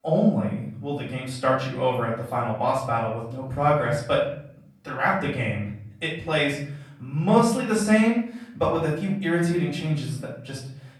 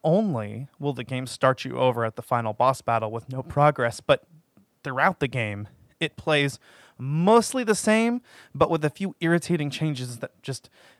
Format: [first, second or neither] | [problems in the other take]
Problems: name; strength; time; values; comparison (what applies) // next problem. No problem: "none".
second | off-mic speech; far // room echo; noticeable; dies away in 0.6 s